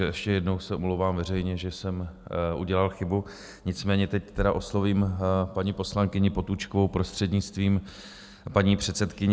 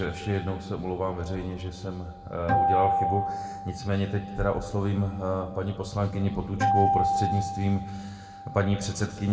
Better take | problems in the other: first | background sound (Acoustic guitar); 2 dB below the speech // room echo; dies away in 1.7 s

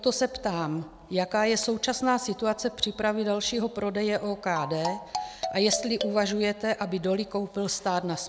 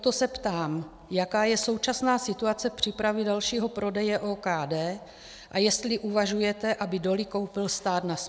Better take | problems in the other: second | background sound (Marimba, xylophone); 7 dB below the speech

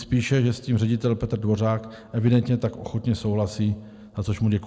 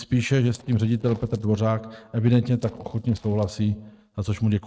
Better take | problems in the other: first | noise reduction (neural mask model RNNoise)

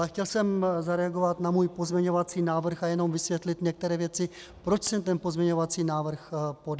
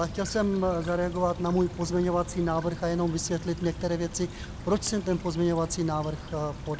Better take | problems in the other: first | background sound (Stream / Trickle, dribble); 11 dB below the speech

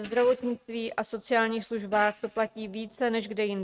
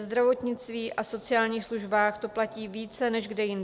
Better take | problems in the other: second | noise reduction (neural mask model RNNoise)

